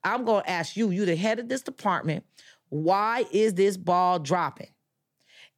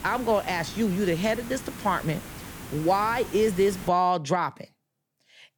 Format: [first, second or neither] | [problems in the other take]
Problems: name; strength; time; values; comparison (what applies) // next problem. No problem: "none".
first | hiss; noticeable; until 4 s; 15 dB below the speech